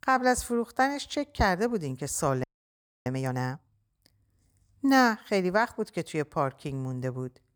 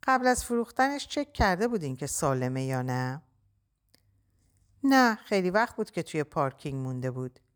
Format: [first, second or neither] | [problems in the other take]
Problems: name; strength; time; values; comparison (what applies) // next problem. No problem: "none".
second | audio freezing; at 2.5 s for 0.5 s